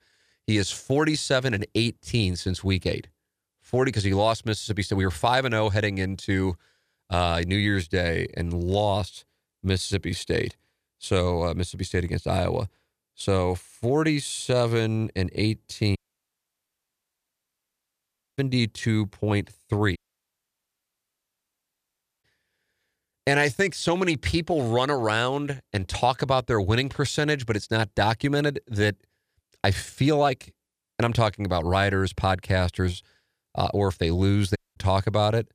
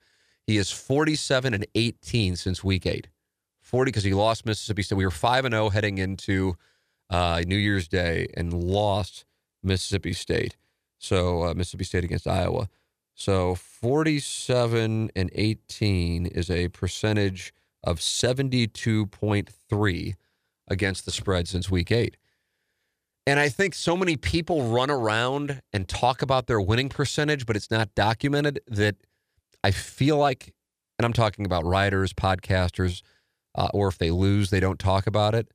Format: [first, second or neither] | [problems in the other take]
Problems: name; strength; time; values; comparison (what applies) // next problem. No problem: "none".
second | audio cutting out; at 16 s for 2.5 s, at 20 s for 2.5 s and at 35 s